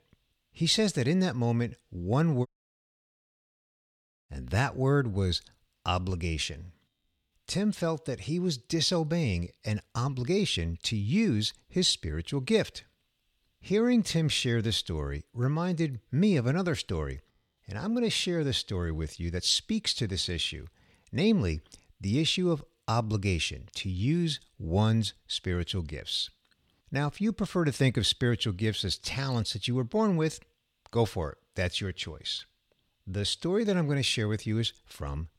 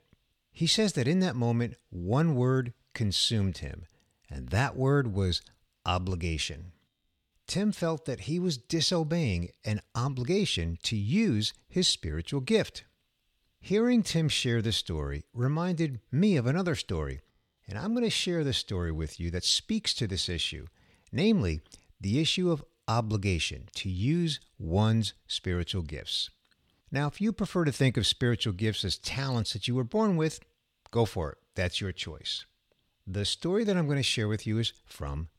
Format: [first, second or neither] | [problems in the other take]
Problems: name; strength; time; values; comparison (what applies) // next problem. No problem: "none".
second | audio cutting out; at 2.5 s for 2 s